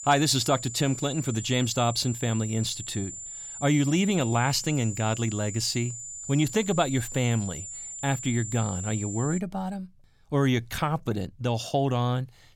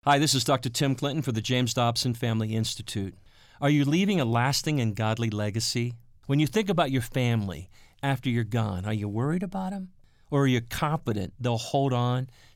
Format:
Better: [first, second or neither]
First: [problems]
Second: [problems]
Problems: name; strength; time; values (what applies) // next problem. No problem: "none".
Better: second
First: high-pitched whine; loud; until 9.5 s; 7 kHz, 9 dB below the speech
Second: none